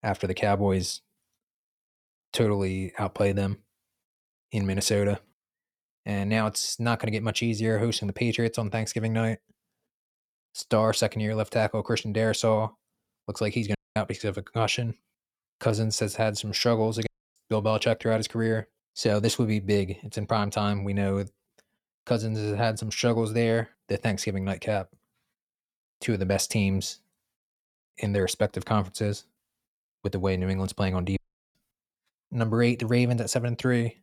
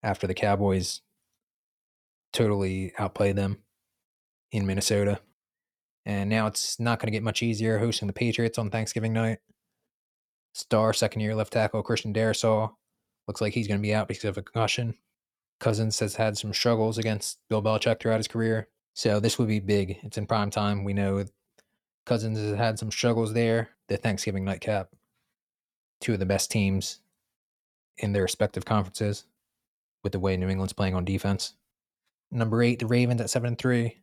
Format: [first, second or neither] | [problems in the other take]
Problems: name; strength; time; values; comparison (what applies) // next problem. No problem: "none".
second | audio cutting out; at 14 s, at 17 s and at 31 s